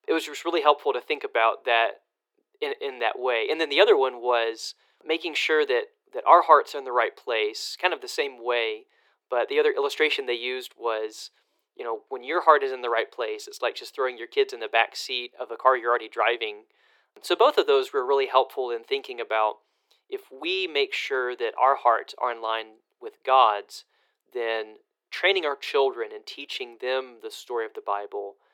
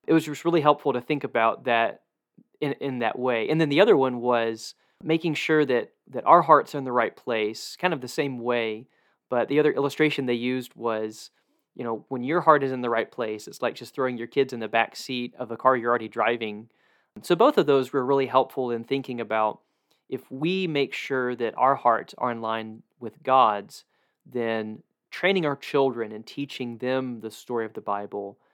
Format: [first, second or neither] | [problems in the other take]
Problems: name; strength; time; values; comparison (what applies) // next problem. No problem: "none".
second | thin; very; fading below 400 Hz